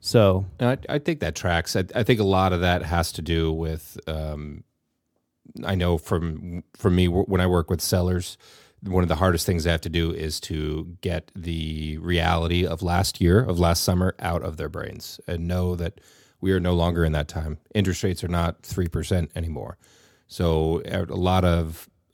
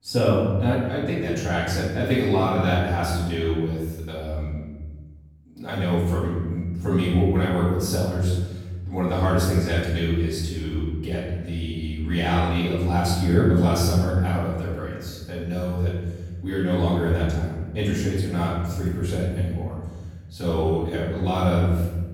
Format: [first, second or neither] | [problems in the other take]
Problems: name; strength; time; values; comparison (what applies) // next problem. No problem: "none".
first | off-mic speech; far // room echo; strong; dies away in 1.4 s